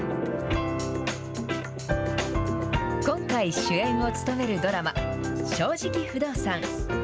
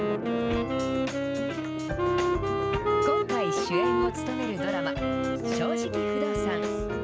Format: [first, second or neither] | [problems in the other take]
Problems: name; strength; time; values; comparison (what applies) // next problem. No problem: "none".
first | background sound (Wind instrument, woodwind instrument); 4 dB above the speech